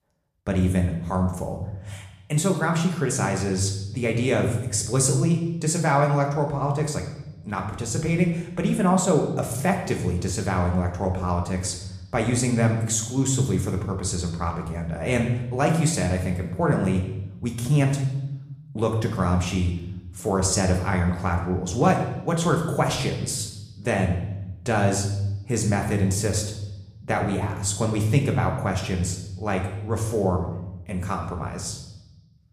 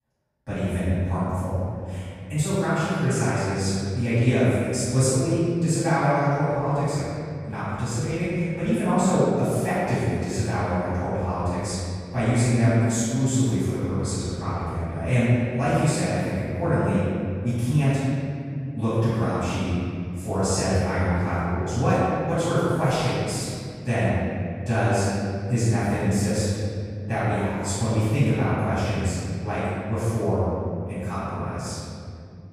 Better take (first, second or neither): first